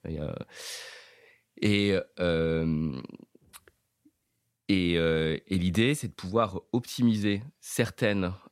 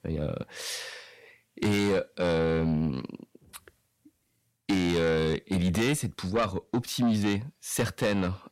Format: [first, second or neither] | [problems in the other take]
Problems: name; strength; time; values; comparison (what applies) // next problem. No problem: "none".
first | distortion; heavy; 8 dB below the speech